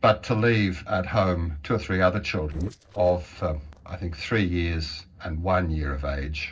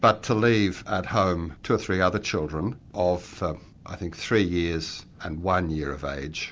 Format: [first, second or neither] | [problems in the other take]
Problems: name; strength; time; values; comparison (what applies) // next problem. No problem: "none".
second | noise reduction (neural separator model SepFormer DNS4)